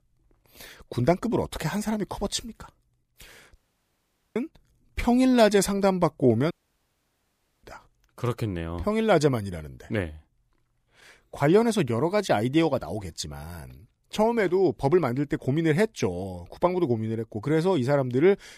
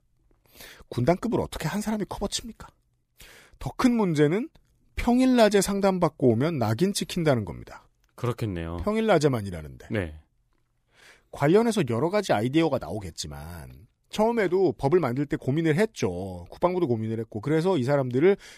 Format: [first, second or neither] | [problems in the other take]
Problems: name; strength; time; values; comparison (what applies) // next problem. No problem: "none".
second | audio cutting out; at 3.5 s for 1 s and at 6.5 s for 1 s